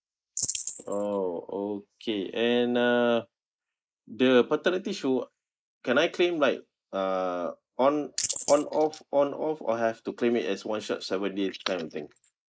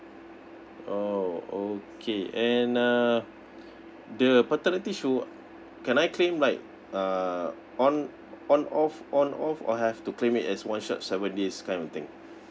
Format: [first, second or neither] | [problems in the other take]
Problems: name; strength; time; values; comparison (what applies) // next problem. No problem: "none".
second | noise reduction (neural mask model Resemble Enhance denoiser)